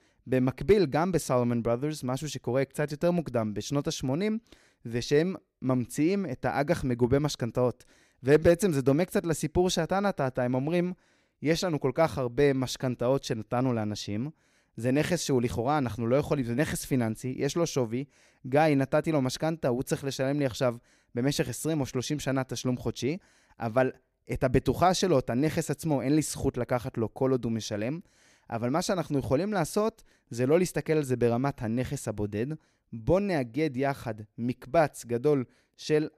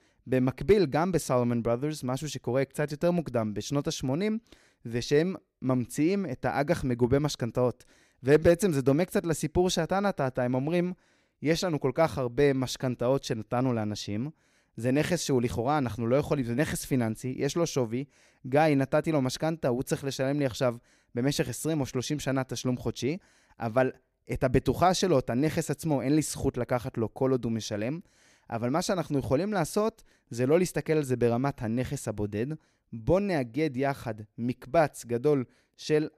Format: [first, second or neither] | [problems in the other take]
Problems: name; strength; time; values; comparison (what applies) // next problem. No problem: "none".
neither | none